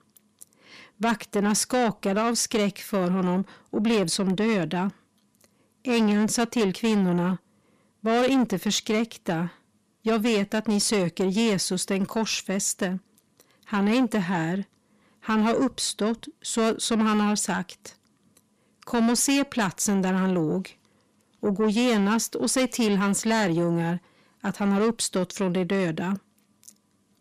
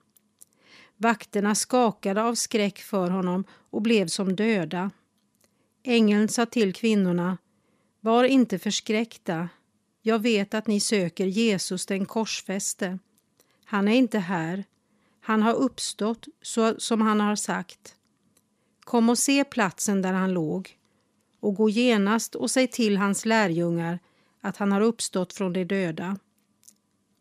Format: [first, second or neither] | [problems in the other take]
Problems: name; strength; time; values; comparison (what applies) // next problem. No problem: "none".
second | distortion; slight; 10 dB below the speech